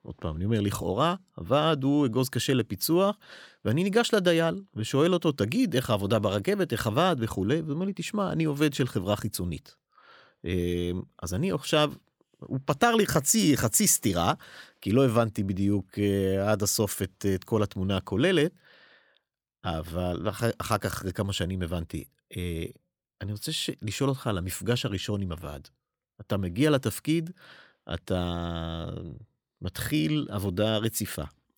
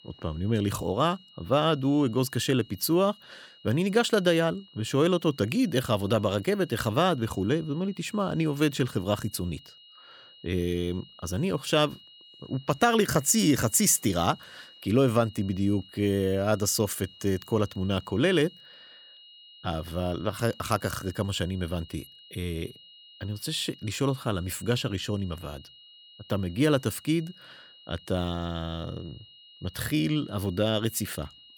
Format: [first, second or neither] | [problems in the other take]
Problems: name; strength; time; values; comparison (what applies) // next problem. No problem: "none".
first | high-pitched whine; faint; throughout; 3 kHz, 25 dB below the speech